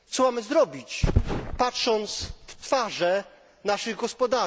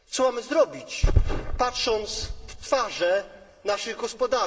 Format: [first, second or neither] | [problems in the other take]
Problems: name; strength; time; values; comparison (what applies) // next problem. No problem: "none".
first | room echo; dies away in 2.7 s